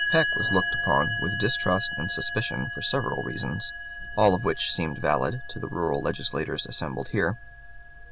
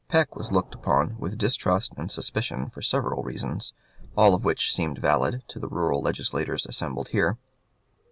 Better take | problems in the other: second | background sound (Chime); 5 dB below the speech

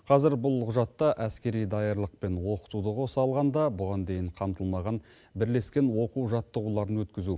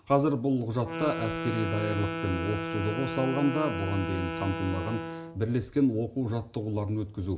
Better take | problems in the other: first | background sound (Wind instrument, woodwind instrument); 7 dB below the speech // room echo; dies away in 0.4 s

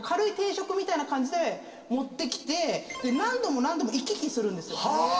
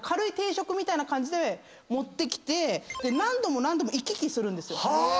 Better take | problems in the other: second | room echo; dies away in 2.1 s

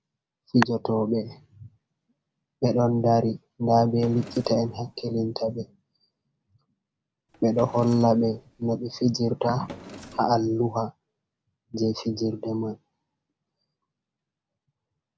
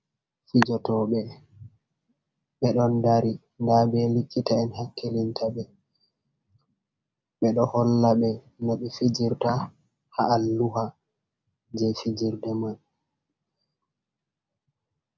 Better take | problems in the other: second | background sound (Drawer open or close); 18 dB below the speech

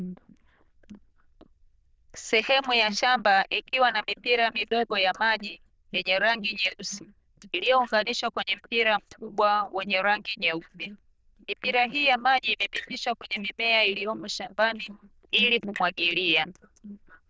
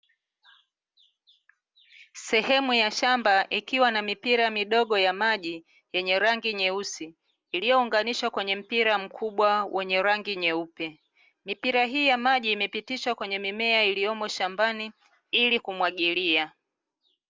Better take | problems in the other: second | noise reduction (neural diffusion model UNIVERSE++)

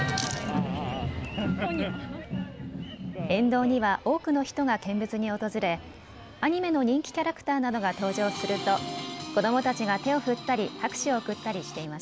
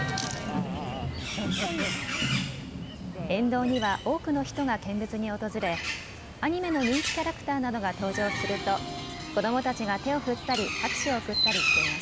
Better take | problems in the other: first | background sound (Bird); 4 dB below the speech

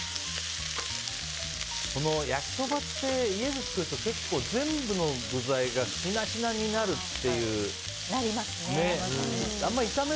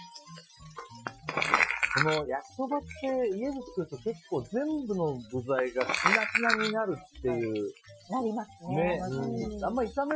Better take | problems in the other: first | noise reduction (classical method Wiener filter)

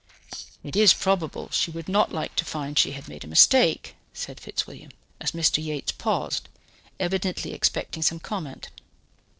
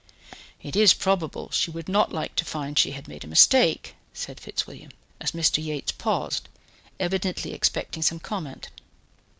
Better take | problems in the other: second | noise reduction (neural separator model SepFormer DNS4)

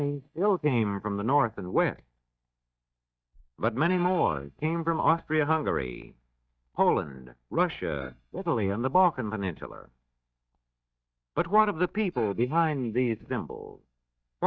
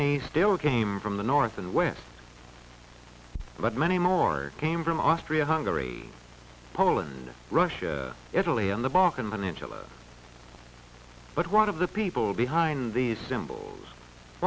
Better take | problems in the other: second | noise reduction (neural mask model DeepFilterNet 3)

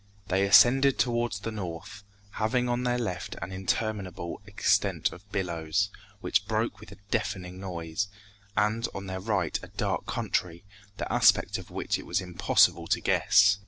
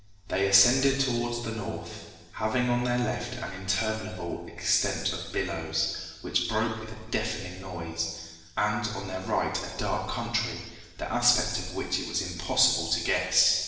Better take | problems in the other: first | room echo; dies away in 1.2 s

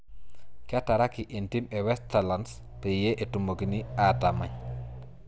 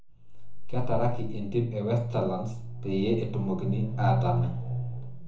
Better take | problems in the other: first | room echo; dies away in 0.6 s

